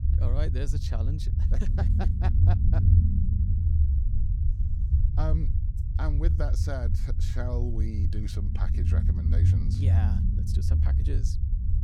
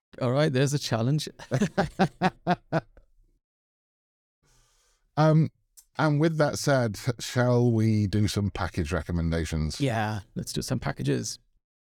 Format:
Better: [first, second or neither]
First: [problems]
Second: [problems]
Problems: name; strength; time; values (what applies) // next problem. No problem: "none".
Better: second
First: low rumble; loud; throughout; 1 dB below the speech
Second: none